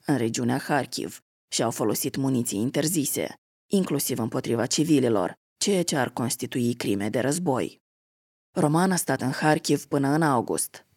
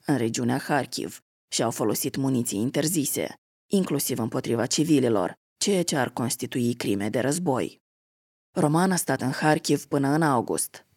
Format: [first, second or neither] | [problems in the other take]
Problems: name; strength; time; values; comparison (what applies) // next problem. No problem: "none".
neither | none